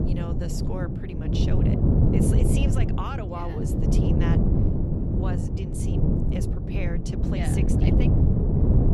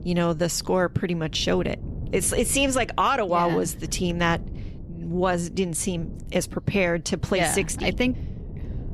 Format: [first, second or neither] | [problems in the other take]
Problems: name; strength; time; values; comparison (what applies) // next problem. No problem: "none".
second | wind noise on the microphone; heavy; 4 dB above the speech; occasional gusts in the second